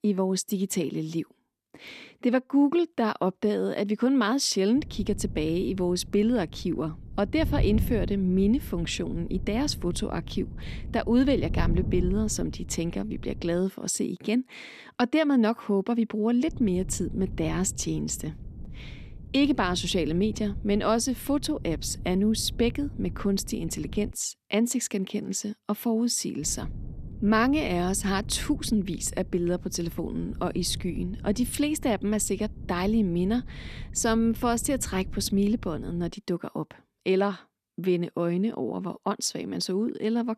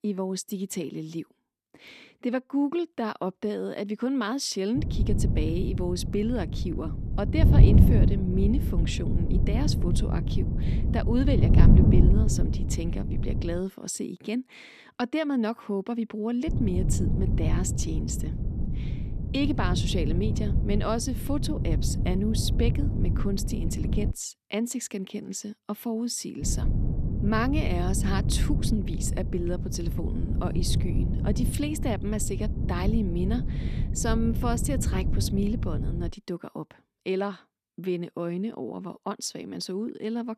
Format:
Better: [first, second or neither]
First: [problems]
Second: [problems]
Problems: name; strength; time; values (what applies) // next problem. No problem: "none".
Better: first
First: wind noise on the microphone; occasional gusts; from 5 to 14 s, from 16 to 24 s and from 26 to 36 s; 20 dB below the speech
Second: wind noise on the microphone; heavy; from 5 to 14 s, from 16 to 24 s and from 26 to 36 s; 5 dB below the speech